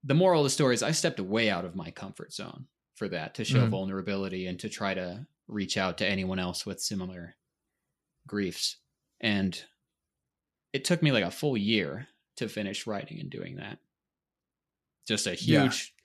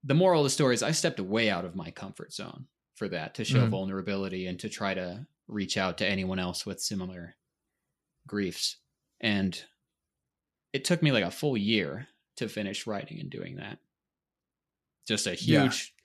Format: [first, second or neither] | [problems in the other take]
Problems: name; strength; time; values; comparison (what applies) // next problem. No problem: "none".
neither | none